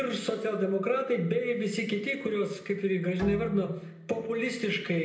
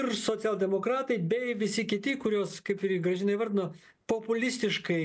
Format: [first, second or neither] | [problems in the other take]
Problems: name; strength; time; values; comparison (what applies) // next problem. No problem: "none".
second | background sound (Bowed string instrument); 15 dB below the speech // room echo; dies away in 0.8 s